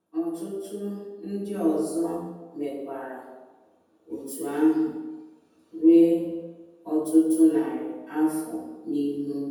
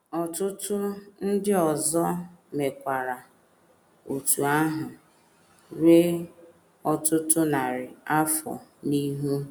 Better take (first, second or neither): second